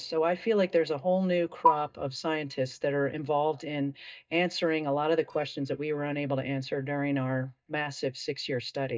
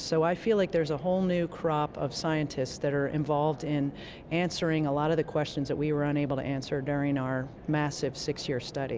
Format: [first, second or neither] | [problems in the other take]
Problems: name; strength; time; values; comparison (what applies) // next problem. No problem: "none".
second | noise reduction (neural mask model DeepFilterNet 3)